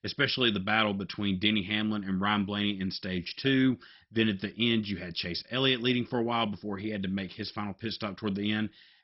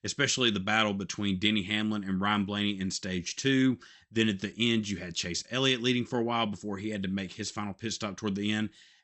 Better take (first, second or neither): second